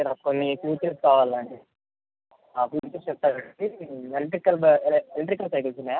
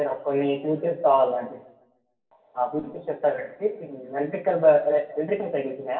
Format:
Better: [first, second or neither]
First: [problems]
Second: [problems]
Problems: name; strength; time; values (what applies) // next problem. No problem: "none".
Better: first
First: none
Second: room echo; dies away in 0.7 s